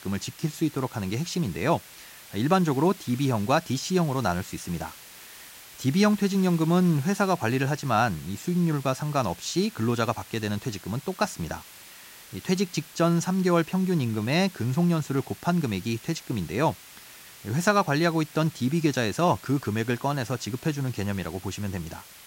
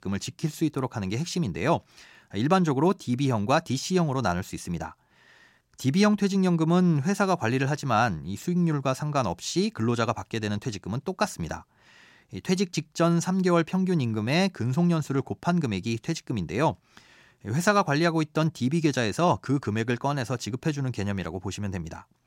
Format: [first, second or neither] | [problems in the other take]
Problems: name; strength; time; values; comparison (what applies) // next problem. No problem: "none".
second | hiss; noticeable; throughout; 20 dB below the speech